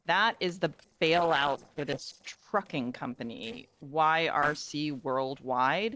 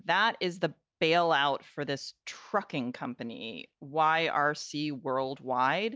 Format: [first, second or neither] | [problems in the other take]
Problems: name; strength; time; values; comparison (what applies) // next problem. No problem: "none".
second | noise reduction (neural separator model SepFormer DNS4)